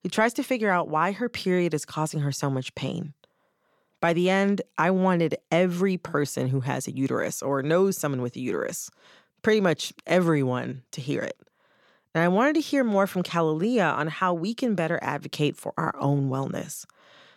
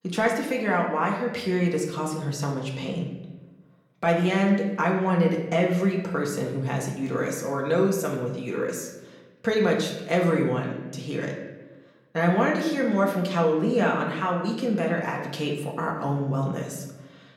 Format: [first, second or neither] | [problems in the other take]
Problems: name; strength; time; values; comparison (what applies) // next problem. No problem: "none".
first | room echo; slight; dies away in 0.9 s // off-mic speech; somewhat distant